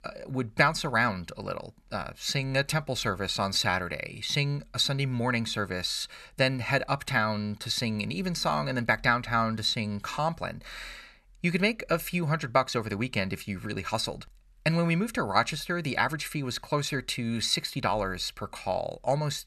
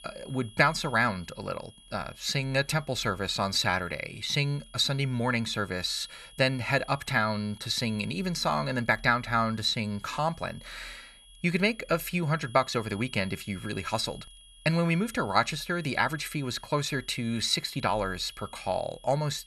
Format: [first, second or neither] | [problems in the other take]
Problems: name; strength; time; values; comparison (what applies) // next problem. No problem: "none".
first | high-pitched whine; faint; throughout; 3.5 kHz, 20 dB below the speech